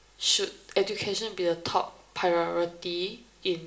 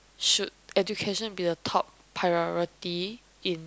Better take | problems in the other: second | room echo; dies away in 0.5 s

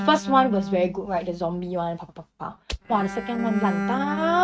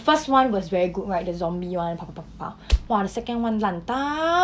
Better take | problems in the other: second | noise reduction (neural mask model RNNoise)

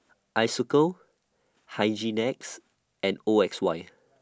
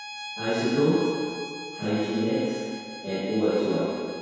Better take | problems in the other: first | background sound (Bowed string instrument); 13 dB below the speech // room echo; dies away in 2 s

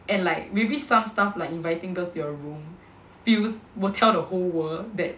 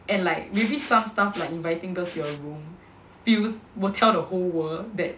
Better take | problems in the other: first | background sound (Respiratory sounds); 19 dB below the speech

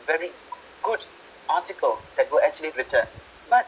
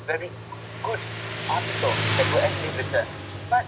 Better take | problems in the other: first | background sound (Motorcycle); 2 dB below the speech

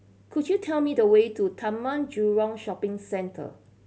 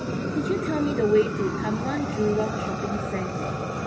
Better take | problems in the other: first | background sound (Fire); 2 dB below the speech // room echo; dies away in 1.7 s

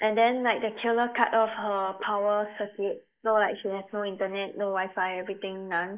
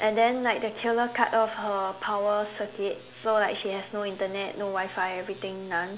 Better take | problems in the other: second | noise reduction (neural mask model Resemble Enhance denoiser)

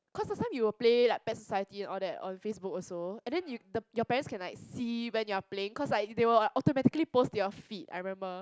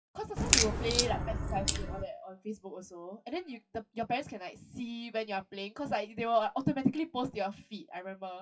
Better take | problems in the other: first | noise reduction (classical method WPE with log-MMSE)

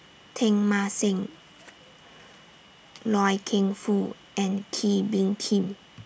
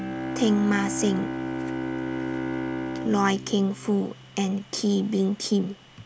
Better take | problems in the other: first | background sound (Bowed string instrument); 6 dB below the speech

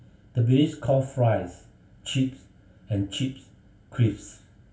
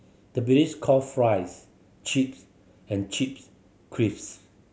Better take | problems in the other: second | room echo; dies away in 0.2 s

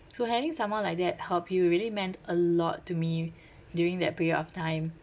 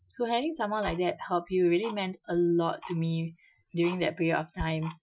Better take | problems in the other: first | noise reduction (classical method Wiener filter)

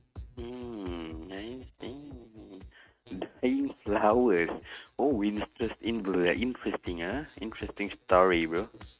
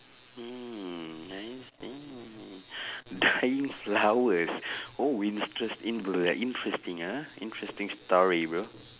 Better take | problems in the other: second | noise reduction (neural mask model RNNoise)

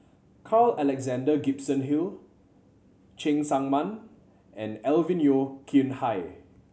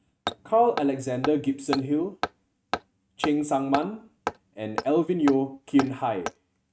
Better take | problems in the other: first | noise reduction (neural mask model RNNoise)

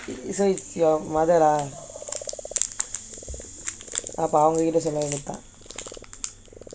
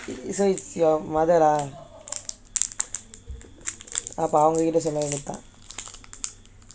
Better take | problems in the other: second | background sound (Rattle (instrument) + Frog); 17 dB below the speech

